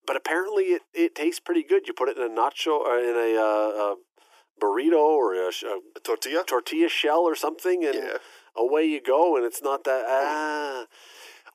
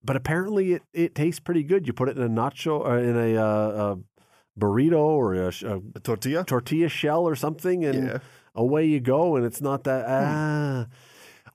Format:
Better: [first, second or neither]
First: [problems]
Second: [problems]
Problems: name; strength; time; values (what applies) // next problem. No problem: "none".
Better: second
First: thin; very; fading below 300 Hz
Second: none